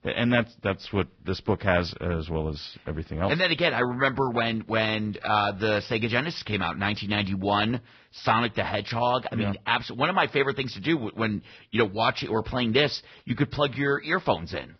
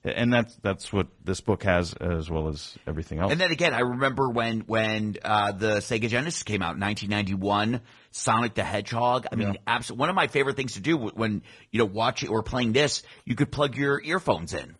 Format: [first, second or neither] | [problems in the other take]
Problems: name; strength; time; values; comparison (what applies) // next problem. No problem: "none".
second | garbled, watery; badly; nothing above 5.5 kHz; slightly in the second